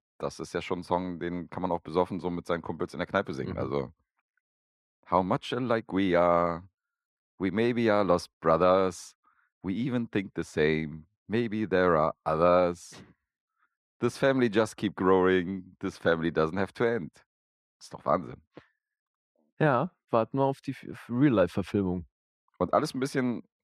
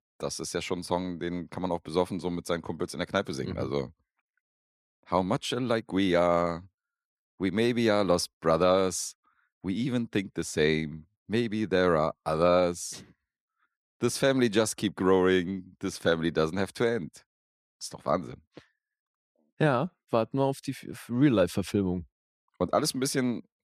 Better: second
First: muffled; slightly; fading above 4 kHz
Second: none

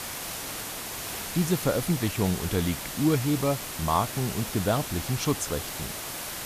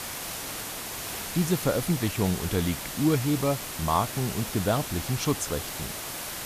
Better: neither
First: hiss; loud; throughout; 6 dB below the speech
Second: hiss; loud; throughout; 6 dB below the speech

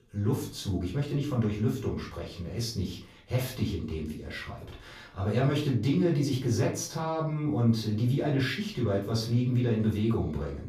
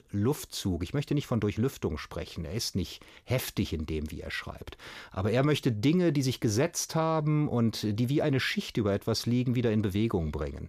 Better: second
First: off-mic speech; far // room echo; slight; dies away in 0.4 s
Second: none

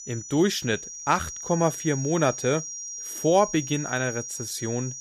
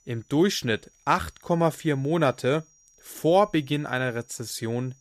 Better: second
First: high-pitched whine; loud; throughout; 5.5 kHz, 8 dB below the speech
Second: high-pitched whine; faint; throughout; 5.5 kHz, 30 dB below the speech

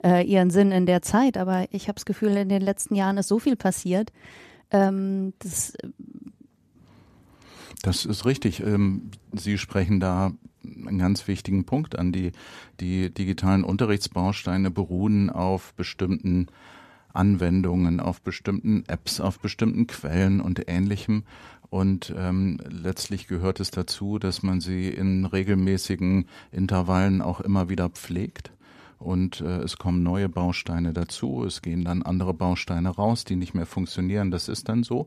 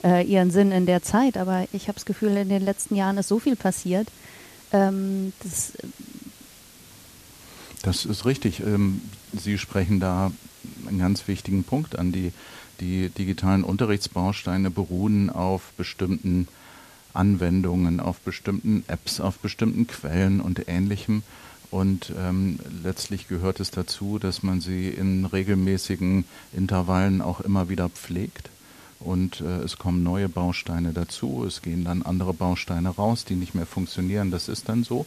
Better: first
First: none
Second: hiss; faint; throughout; 25 dB below the speech

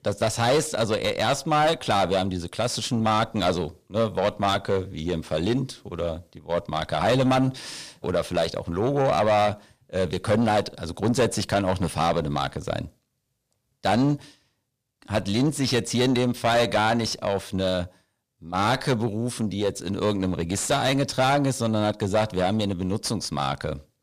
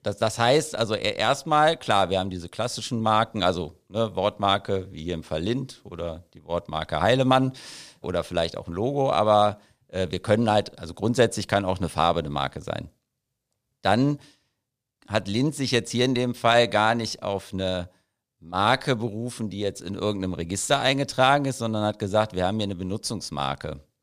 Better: second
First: distortion; heavy; 6 dB below the speech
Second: none

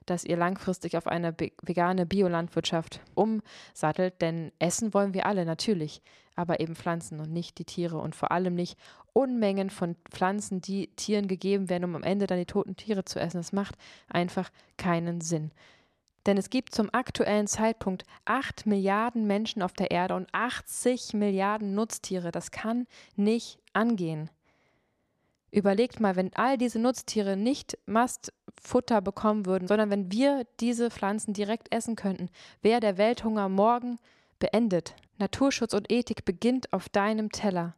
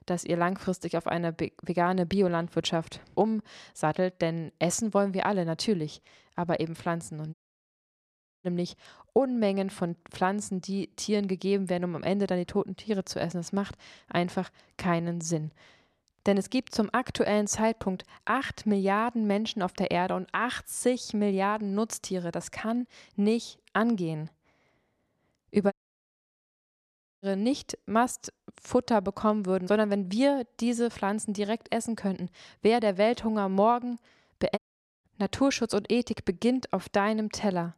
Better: first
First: none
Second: audio cutting out; at 7.5 s for 1 s, at 26 s for 1.5 s and at 35 s

